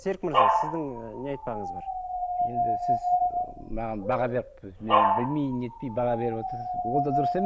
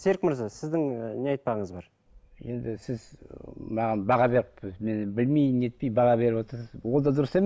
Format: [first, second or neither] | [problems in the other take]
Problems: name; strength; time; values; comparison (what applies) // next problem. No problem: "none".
second | background sound (Dog); 4 dB above the speech